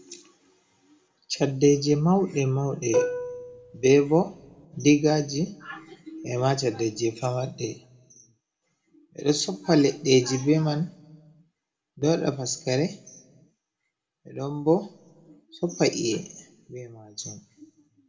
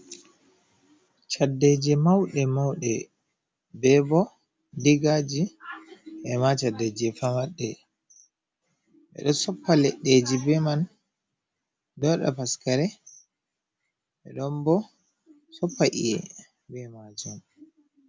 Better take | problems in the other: second | background sound (Plucked string instrument); 4 dB below the speech // room echo; dies away in 0.7 s

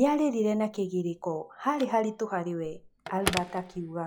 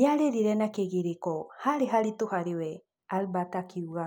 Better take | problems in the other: second | noise reduction (classical method log-MMSE)

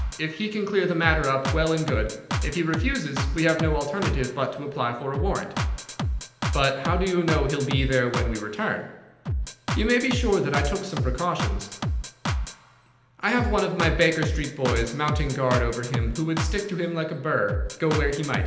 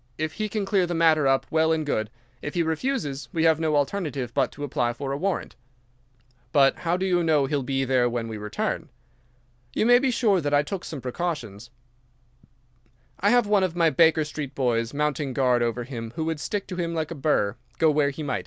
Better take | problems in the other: second | background sound (Drum kit); 3 dB below the speech // room echo; dies away in 0.9 s

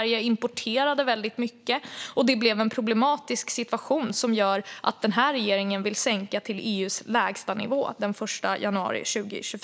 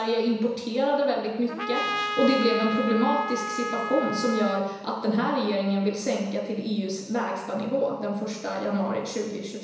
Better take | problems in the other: first | background sound (Trumpet); 5 dB below the speech // room echo; dies away in 1 s

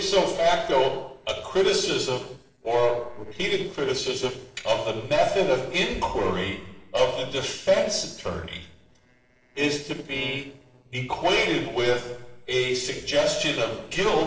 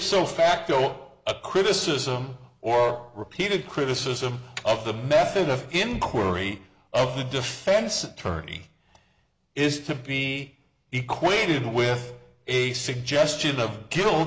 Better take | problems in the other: second | noise reduction (neural separator model SepFormer DNS4)

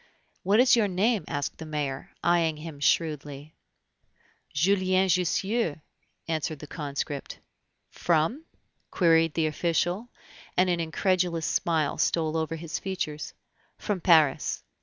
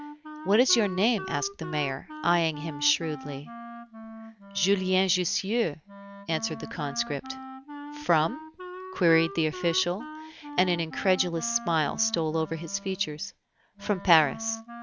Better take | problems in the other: first | background sound (Wind instrument, woodwind instrument); 13 dB below the speech

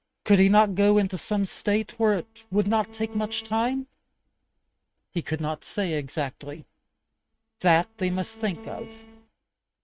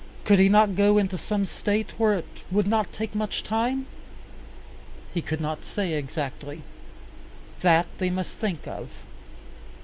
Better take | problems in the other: second | noise reduction (neural mask model RNNoise)

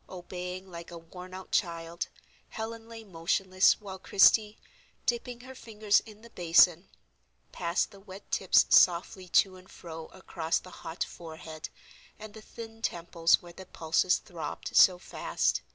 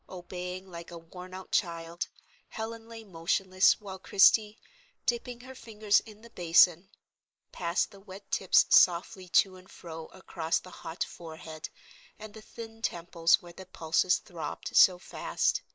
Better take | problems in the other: first | noise reduction (neural mask model Resemble Enhance denoiser)

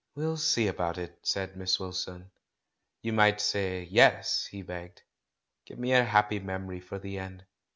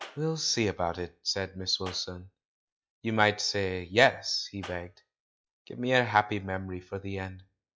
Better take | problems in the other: first | noise reduction (classical method log-MMSE)

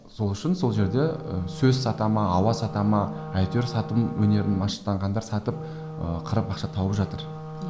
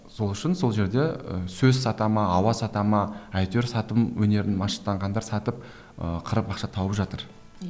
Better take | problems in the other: second | background sound (Wind instrument, woodwind instrument); 12 dB below the speech // room echo; dies away in 0.5 s

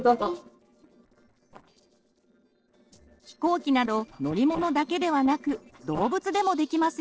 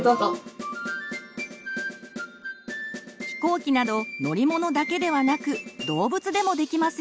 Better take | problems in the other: second | noise reduction (neural separator model SepFormer DNS4)

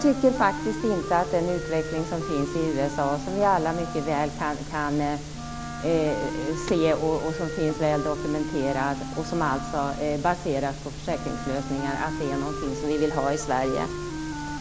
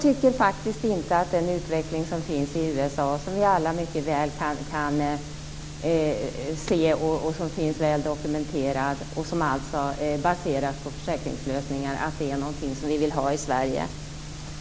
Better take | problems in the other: second | background sound (Wind instrument, woodwind instrument); 9 dB below the speech

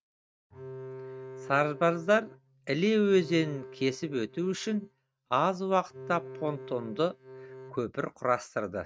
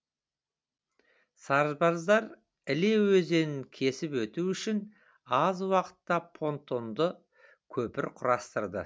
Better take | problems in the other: second | noise reduction (neural mask model RNNoise)

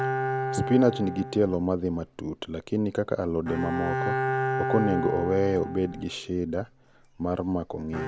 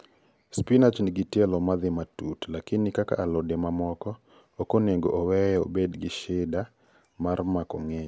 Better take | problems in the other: second | background sound (Bowed string instrument); 5 dB below the speech

